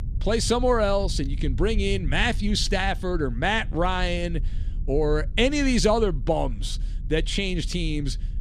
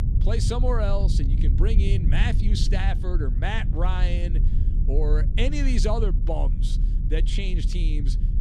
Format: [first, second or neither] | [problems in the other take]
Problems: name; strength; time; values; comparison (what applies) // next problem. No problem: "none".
first | low rumble; loud; throughout; 9 dB below the speech; faint in the first